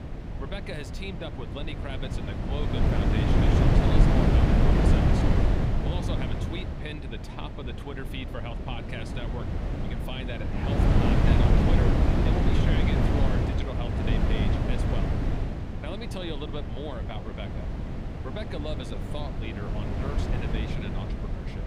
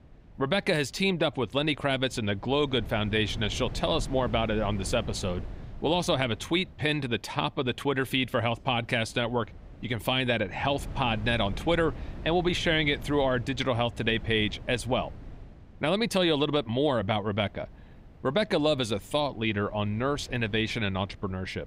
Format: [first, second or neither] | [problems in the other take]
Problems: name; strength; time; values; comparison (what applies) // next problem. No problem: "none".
second | wind noise on the microphone; heavy; 5 dB above the speech; occasional gusts in the second